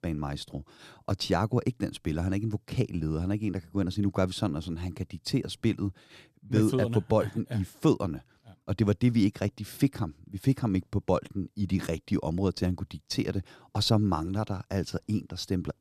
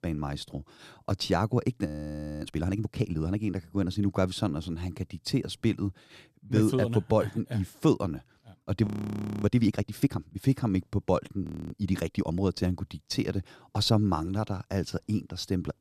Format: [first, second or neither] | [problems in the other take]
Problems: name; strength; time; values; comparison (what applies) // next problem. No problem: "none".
first | audio freezing; at 2 s for 0.5 s, at 9 s for 0.5 s and at 11 s